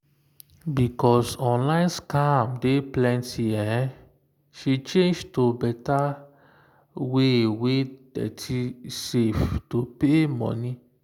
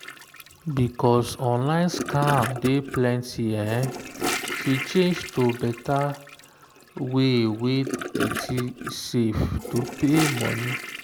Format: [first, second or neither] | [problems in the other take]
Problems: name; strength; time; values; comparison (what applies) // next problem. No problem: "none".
first | background sound (Toilet flush / Gurgling); 9 dB below the speech